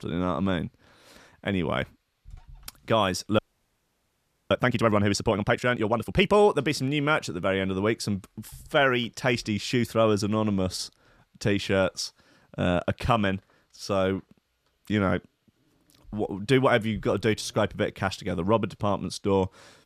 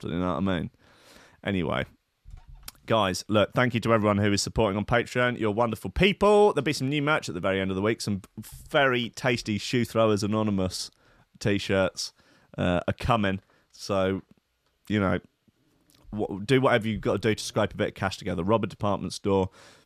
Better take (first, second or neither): second